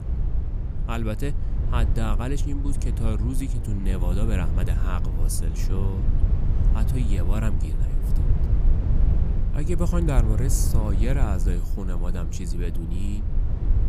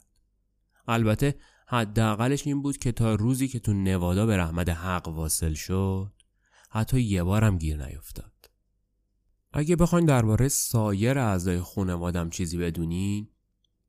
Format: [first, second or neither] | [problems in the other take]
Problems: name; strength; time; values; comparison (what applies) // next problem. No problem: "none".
second | low rumble; loud; throughout; 6 dB below the speech